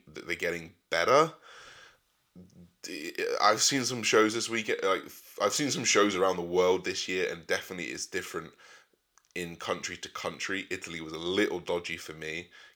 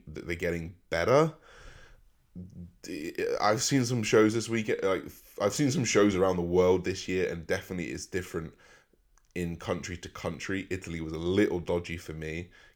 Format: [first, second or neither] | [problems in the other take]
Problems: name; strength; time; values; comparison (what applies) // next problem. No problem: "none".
second | thin; somewhat; fading below 550 Hz